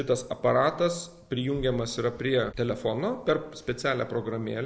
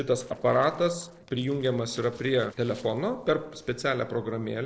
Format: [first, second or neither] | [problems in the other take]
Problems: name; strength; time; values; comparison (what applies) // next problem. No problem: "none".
first | noise reduction (neural separator model SepFormer DNS4)